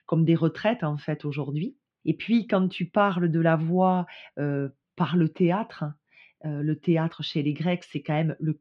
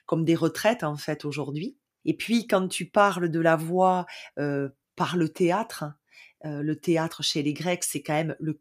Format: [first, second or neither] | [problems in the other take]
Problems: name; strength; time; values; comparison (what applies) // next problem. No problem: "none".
second | muffled; slightly; fading above 3.5 kHz